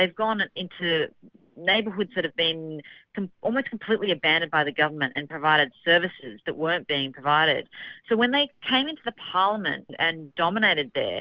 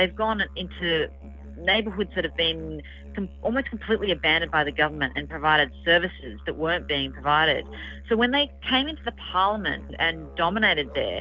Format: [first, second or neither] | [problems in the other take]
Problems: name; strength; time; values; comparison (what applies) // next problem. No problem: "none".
first | background sound (Musical instrument); 16 dB below the speech